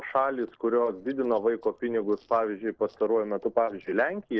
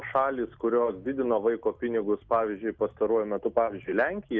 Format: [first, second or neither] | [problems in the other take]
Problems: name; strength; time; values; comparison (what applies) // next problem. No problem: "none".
second | noise reduction (neural separator model SepFormer DNS4)